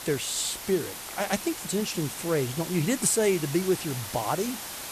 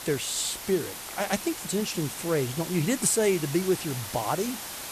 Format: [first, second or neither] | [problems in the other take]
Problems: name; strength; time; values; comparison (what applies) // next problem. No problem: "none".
neither | hiss; loud; throughout; 8 dB below the speech; the same in both